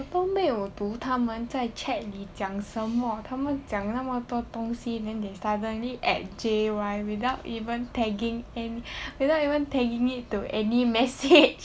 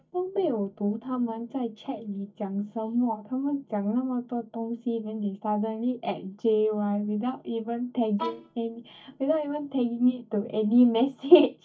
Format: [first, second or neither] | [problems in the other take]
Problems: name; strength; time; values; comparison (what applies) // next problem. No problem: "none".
first | noise reduction (neural mask model DeepFilterNet 3)